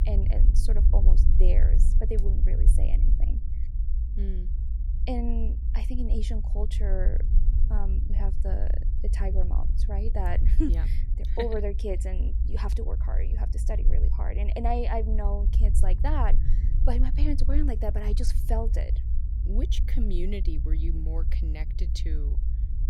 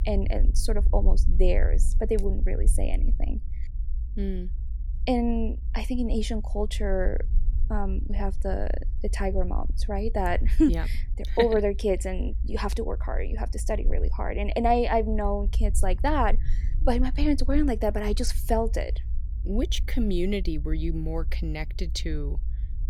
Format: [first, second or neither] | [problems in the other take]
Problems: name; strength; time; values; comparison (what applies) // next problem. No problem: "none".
second | low rumble; loud; throughout; 10 dB below the speech; faint in the second